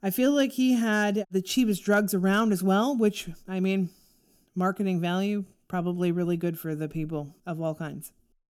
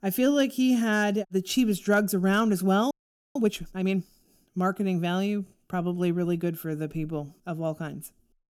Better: first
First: none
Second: audio freezing; at 3 s

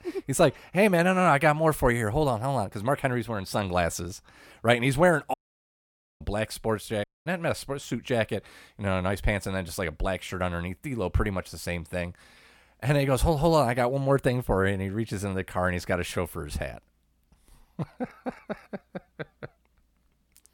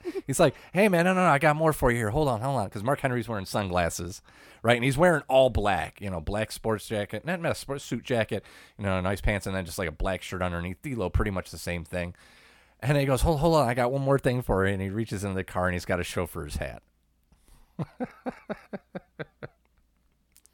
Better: second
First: audio cutting out; at 5.5 s for 1 s and at 7 s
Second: none

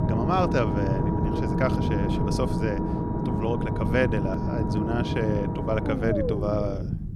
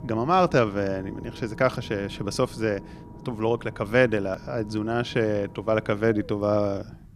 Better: second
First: low rumble; loud; throughout; 2 dB below the speech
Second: low rumble; faint; throughout; 20 dB below the speech

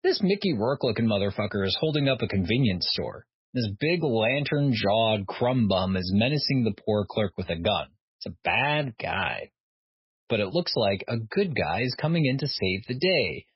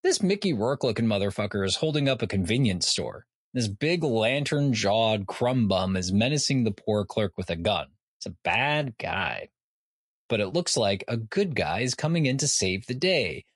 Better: second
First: garbled, watery; badly; nothing above 5.5 kHz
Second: garbled, watery; slightly; nothing above 11 kHz

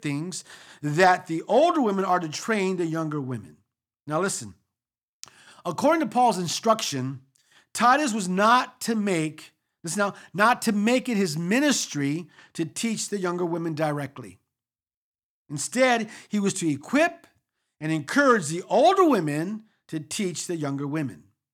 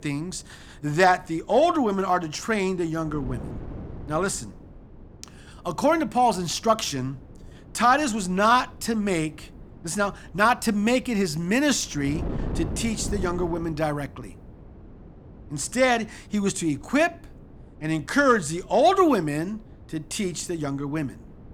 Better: first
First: none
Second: wind noise on the microphone; occasional gusts; 25 dB below the speech

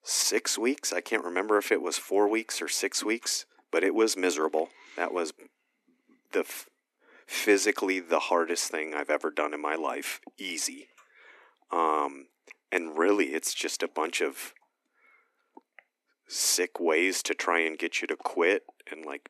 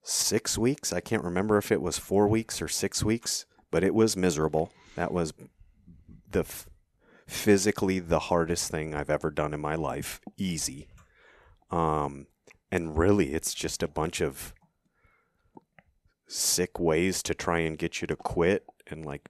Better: second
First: thin; somewhat; fading below 250 Hz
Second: none

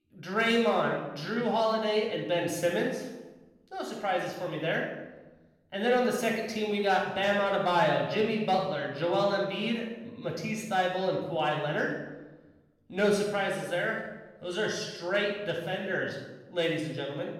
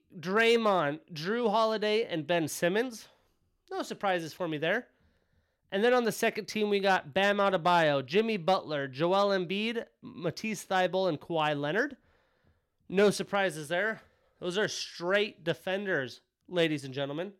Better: second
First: off-mic speech; far // room echo; noticeable; dies away in 0.9 s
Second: none

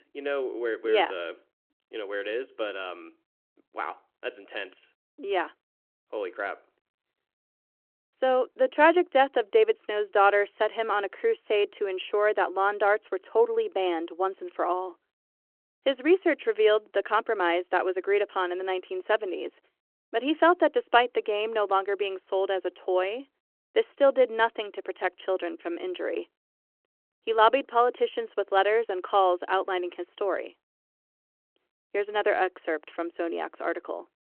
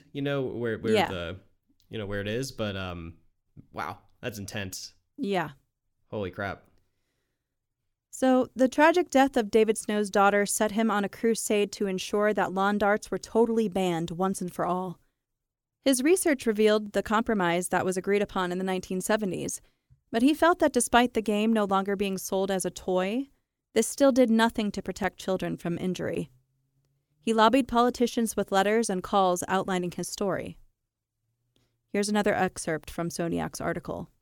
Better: second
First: phone-call audio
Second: none

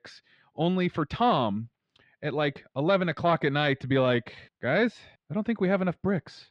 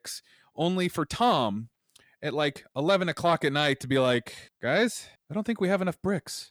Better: second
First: muffled; slightly; fading above 3.5 kHz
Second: none

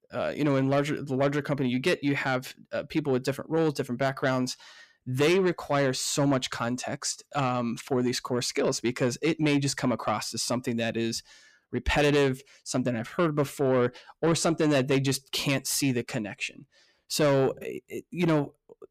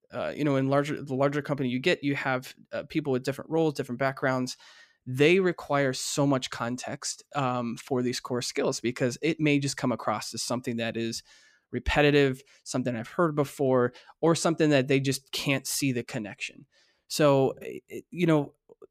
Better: second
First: distortion; slight; 10 dB below the speech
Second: none

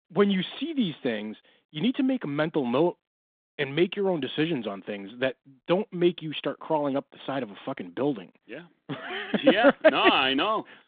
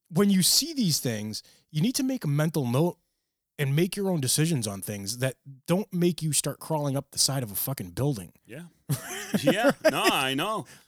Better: second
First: phone-call audio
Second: none

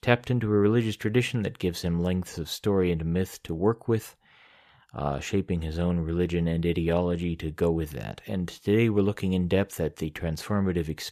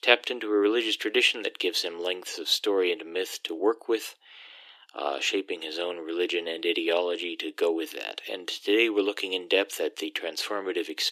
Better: first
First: none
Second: thin; very; fading below 300 Hz

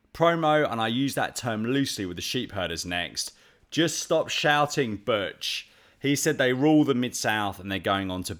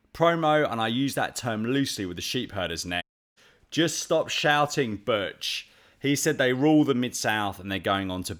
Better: first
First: none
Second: audio cutting out; at 3 s

